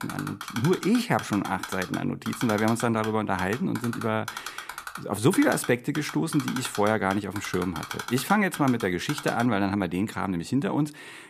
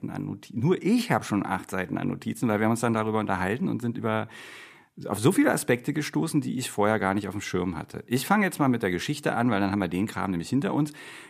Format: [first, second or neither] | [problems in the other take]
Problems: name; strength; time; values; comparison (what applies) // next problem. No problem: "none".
second | keyboard typing; noticeable; until 9.5 s; peak 8 dB below the speech